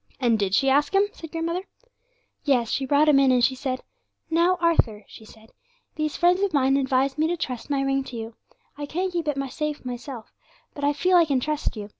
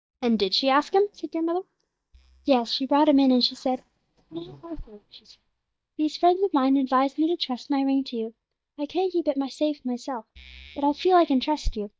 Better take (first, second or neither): first